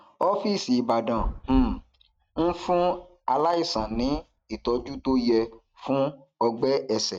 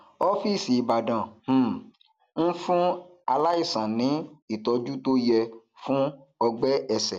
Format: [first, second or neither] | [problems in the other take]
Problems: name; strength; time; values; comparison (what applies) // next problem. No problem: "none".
second | noise reduction (neural mask model RNNoise)